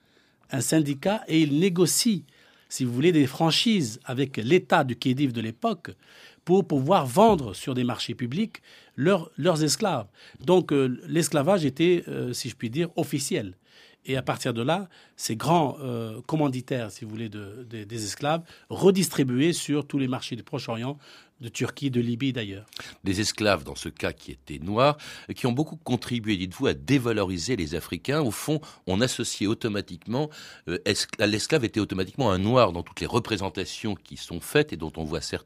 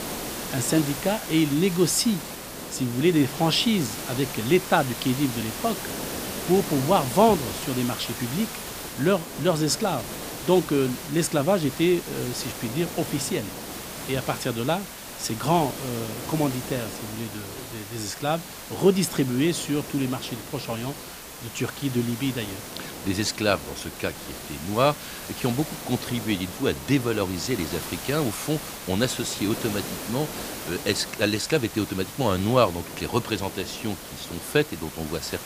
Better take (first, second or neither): first